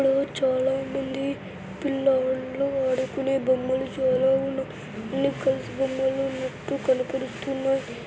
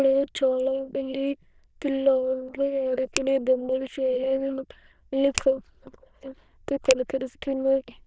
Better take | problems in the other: first | noise reduction (neural diffusion model UNIVERSE++)

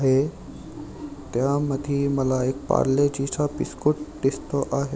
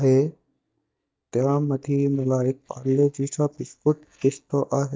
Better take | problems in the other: first | noise reduction (neural mask model DeepFilterNet 3)

